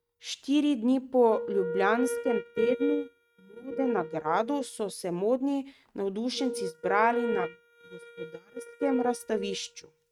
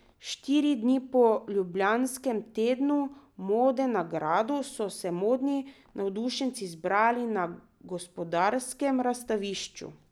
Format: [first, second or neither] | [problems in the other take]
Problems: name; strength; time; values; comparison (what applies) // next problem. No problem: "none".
second | noise reduction (neural mask model RNNoise)